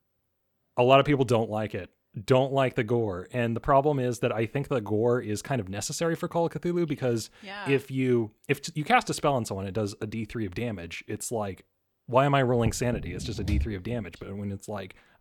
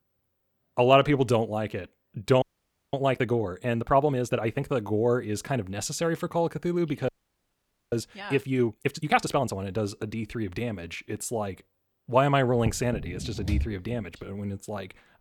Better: first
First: none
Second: audio freezing; at 2.5 s for 0.5 s and at 7 s for 1 s

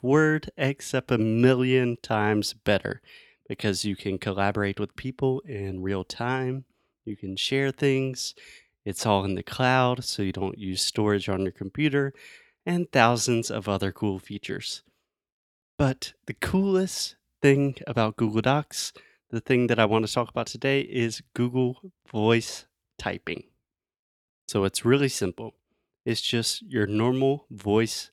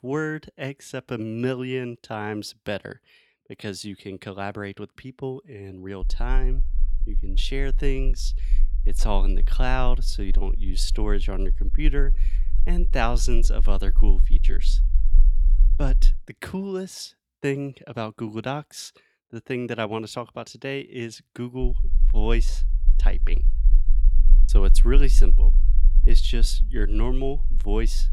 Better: first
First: none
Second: low rumble; noticeable; from 6 to 16 s and from 22 s on; 20 dB below the speech

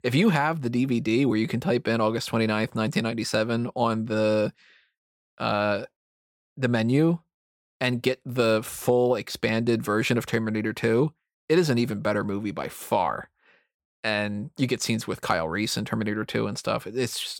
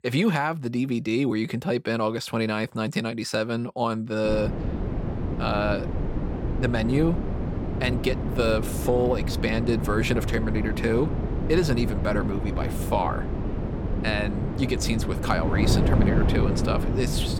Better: first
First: none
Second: wind noise on the microphone; heavy; from 4.5 s on; 7 dB below the speech

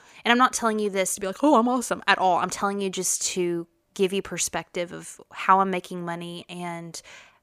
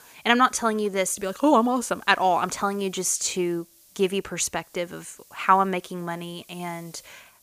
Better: first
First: none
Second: hiss; faint; throughout; 30 dB below the speech

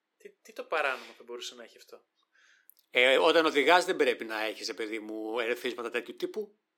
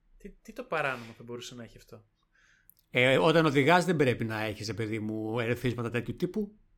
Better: second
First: thin; somewhat; fading below 350 Hz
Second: none

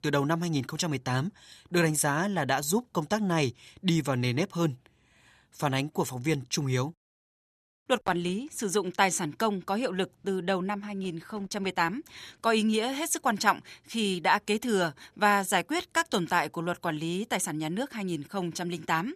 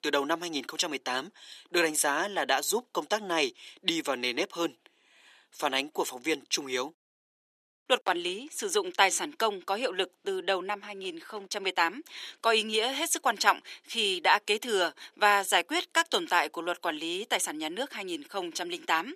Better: first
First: none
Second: thin; somewhat; fading below 300 Hz

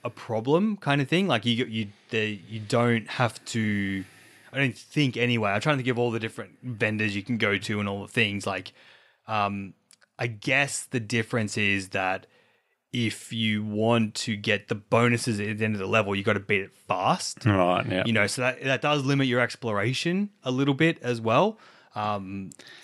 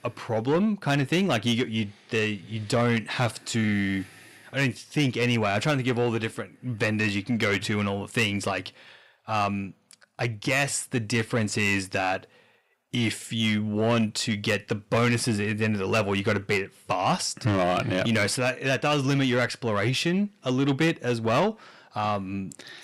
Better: first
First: none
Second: distortion; slight; 10 dB below the speech

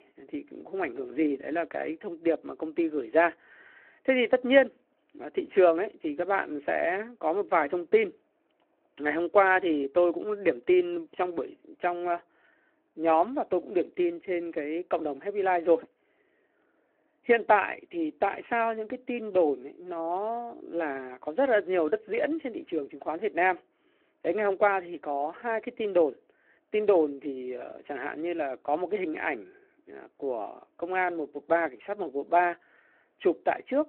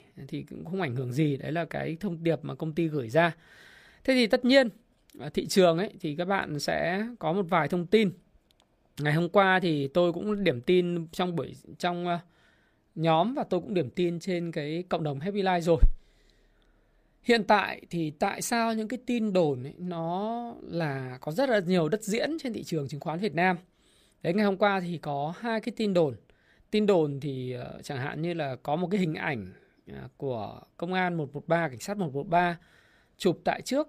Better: second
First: phone-call audio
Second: none

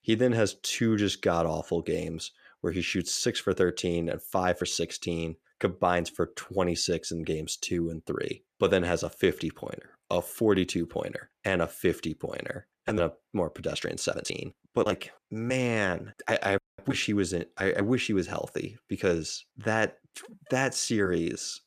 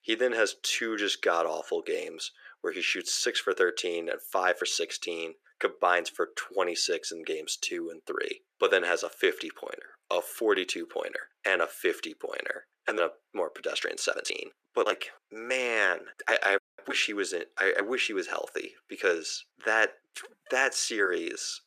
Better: first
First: none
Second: thin; very; fading below 400 Hz

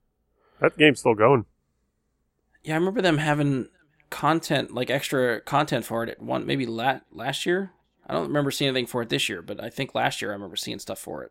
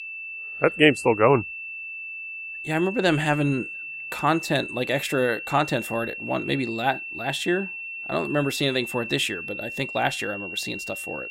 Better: first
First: none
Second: high-pitched whine; loud; throughout; 2.5 kHz, 8 dB below the speech

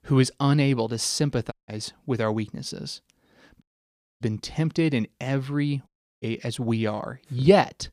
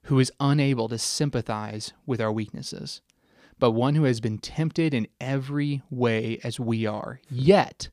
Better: second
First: audio cutting out; at 1.5 s, at 3.5 s for 0.5 s and at 6 s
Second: none

